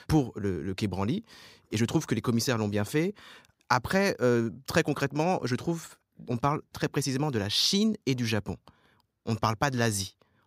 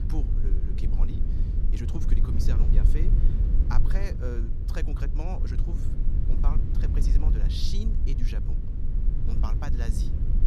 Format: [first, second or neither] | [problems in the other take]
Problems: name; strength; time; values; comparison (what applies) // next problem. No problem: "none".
first | low rumble; loud; throughout; 2 dB below the speech